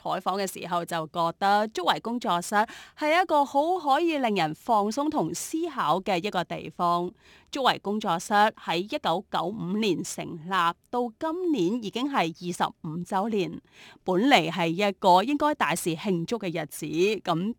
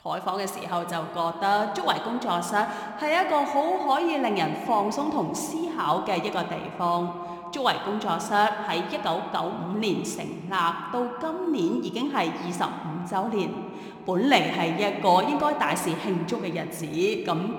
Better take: first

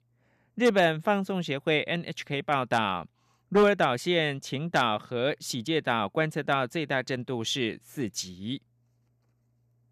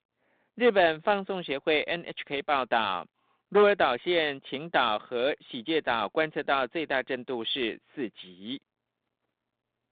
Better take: first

